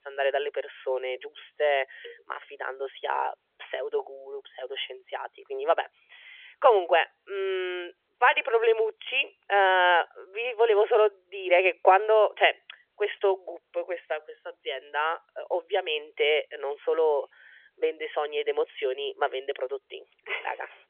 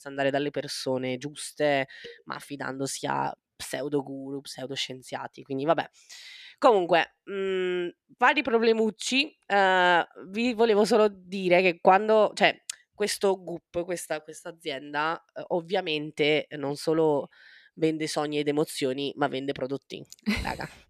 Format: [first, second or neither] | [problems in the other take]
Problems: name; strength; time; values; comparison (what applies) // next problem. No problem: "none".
second | phone-call audio; nothing above 3 kHz